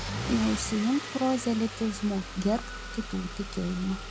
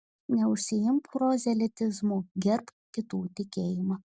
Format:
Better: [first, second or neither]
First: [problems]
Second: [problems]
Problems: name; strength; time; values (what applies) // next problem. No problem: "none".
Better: second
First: background sound (Engine starting / Car); 8 dB below the speech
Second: none